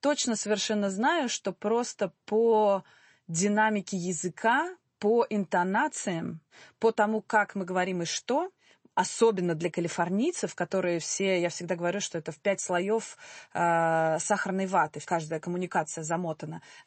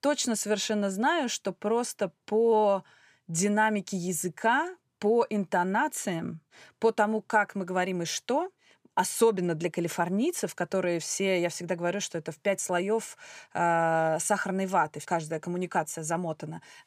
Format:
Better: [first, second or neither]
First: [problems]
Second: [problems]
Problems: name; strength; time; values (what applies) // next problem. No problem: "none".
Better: second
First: garbled, watery; slightly; nothing above 8 kHz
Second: none